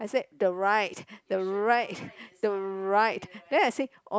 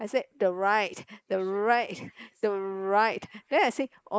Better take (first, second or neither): first